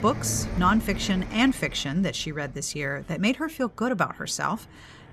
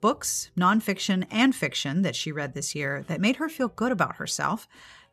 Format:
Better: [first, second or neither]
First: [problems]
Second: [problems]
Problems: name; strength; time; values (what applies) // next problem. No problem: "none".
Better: second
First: traffic noise; loud; throughout; 9 dB below the speech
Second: none